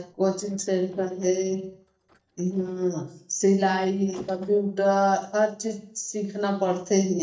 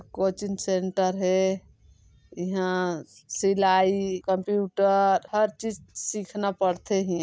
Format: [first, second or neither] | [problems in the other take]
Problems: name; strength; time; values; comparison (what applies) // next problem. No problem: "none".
second | noise reduction (neural mask model DeepFilterNet 3)